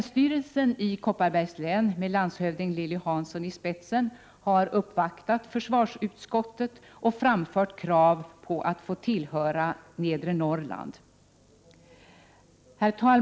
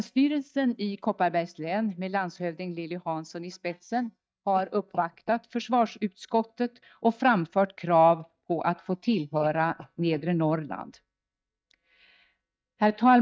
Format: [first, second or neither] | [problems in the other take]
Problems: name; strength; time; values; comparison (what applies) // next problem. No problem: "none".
first | noise reduction (neural mask model DeepFilterNet 3)